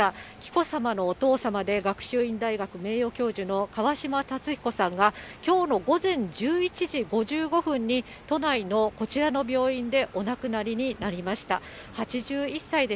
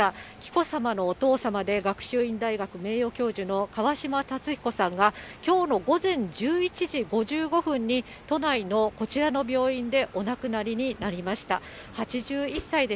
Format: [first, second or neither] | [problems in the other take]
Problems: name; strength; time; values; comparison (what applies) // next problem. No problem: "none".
first | background sound (Whoosh, swoosh, swish); 12 dB below the speech